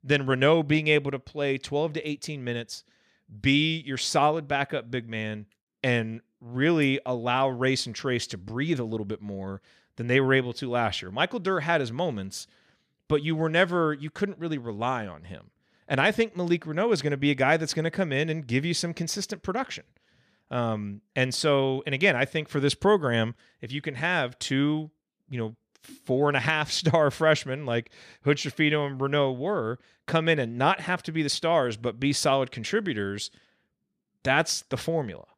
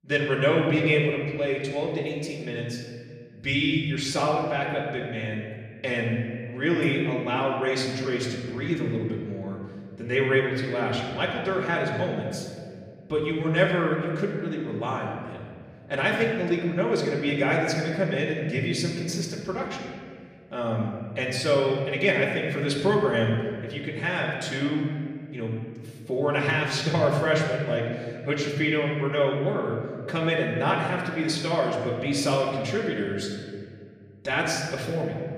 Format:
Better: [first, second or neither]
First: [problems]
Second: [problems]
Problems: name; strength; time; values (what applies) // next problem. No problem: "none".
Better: first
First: none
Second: room echo; noticeable; dies away in 1.9 s // off-mic speech; far